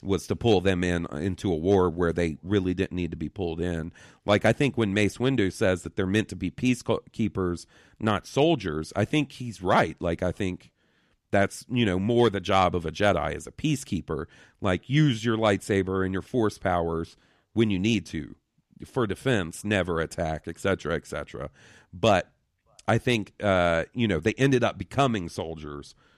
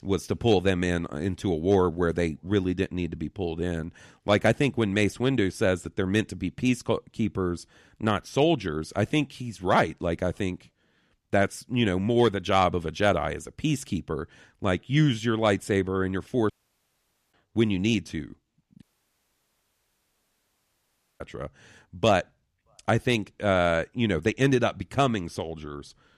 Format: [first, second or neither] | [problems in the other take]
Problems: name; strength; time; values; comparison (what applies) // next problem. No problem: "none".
first | audio cutting out; at 17 s for 1 s and at 19 s for 2.5 s